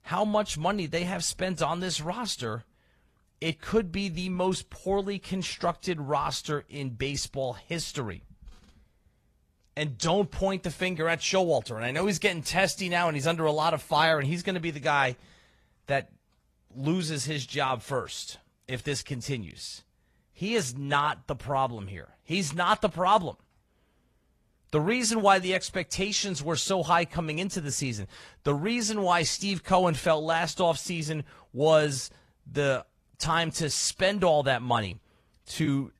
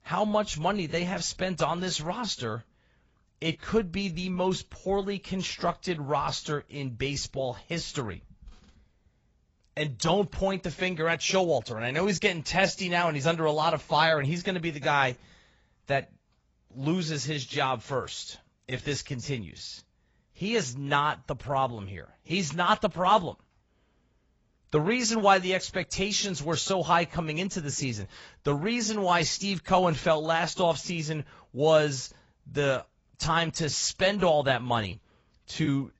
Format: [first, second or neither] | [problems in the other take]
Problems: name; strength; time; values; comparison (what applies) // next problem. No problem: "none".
first | garbled, watery; badly; nothing above 7.5 kHz; slightly in the first